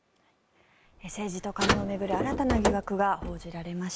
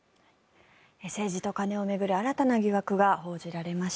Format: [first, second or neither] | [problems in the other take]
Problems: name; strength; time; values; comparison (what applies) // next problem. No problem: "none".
second | background sound (Car); as loud as the speech